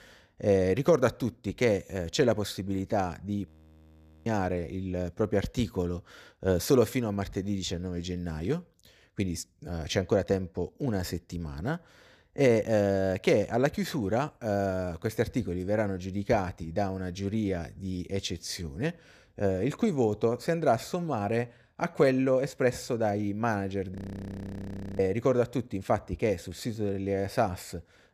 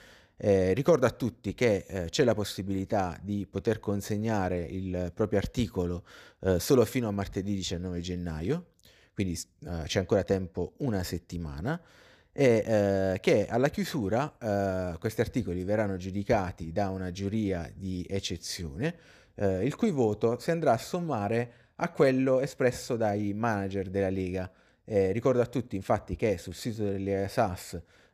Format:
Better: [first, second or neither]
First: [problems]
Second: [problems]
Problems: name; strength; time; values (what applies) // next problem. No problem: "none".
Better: second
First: audio freezing; at 3.5 s for 1 s and at 24 s for 1 s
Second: none